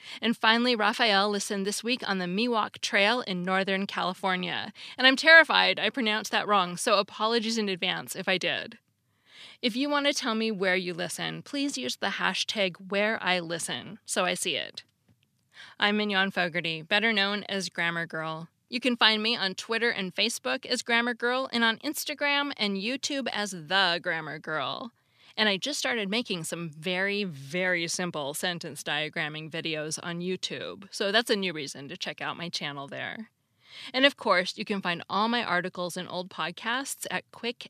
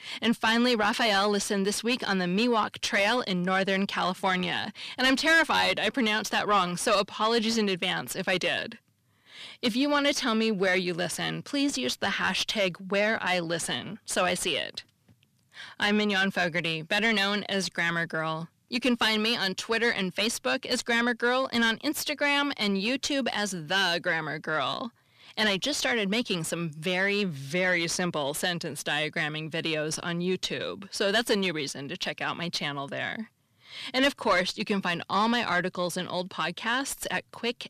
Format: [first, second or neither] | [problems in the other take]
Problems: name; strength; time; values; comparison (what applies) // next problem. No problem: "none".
first | distortion; heavy; 7 dB below the speech